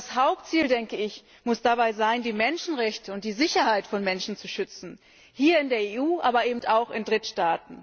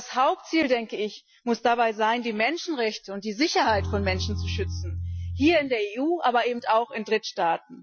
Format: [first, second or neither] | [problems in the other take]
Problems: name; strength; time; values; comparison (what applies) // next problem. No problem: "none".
first | noise reduction (classical method Wiener filter)